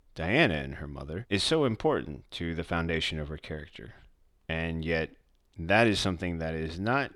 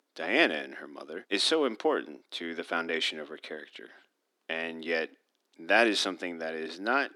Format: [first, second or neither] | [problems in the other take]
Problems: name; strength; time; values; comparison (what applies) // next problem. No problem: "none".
first | thin; somewhat; fading below 250 Hz